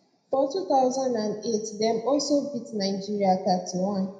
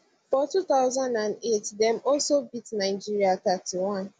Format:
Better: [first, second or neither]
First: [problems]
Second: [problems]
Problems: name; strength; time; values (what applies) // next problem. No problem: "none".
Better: second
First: room echo; dies away in 0.7 s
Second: none